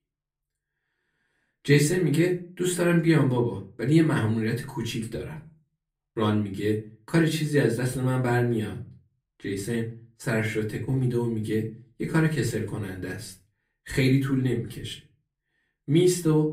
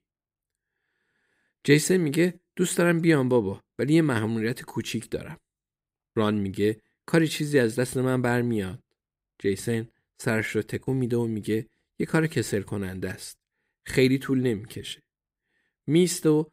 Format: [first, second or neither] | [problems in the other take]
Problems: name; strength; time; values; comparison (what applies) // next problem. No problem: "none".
second | off-mic speech; far // room echo; very slight; dies away in 0.3 s